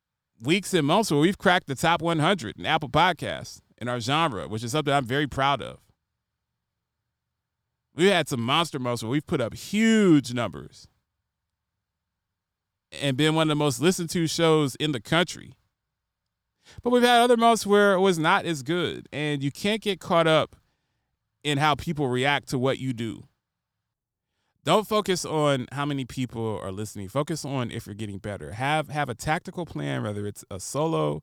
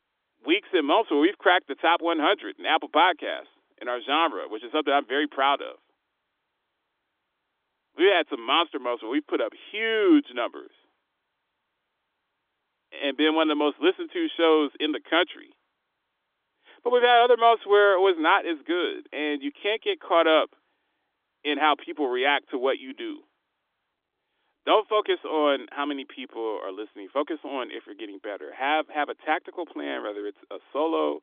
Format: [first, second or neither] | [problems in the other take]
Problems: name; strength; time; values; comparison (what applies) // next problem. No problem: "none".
first | phone-call audio; nothing above 3.5 kHz